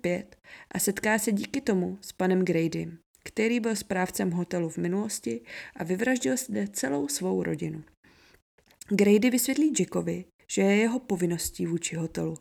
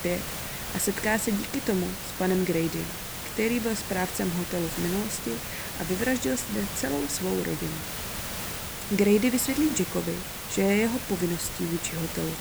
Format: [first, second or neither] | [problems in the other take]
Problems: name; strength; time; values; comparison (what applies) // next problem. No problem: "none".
first | hiss; loud; throughout; 5 dB below the speech